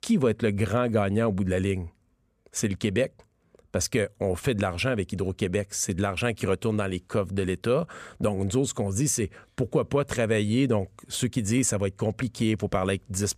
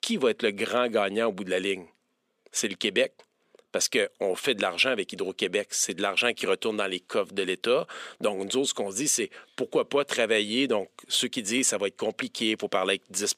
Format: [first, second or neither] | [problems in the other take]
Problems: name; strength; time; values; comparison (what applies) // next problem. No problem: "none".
first | thin; somewhat; fading below 300 Hz